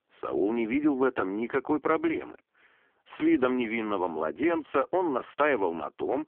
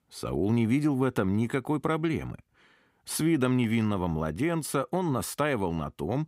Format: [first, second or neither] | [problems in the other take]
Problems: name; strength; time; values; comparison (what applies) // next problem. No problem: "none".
second | phone-call audio; poor line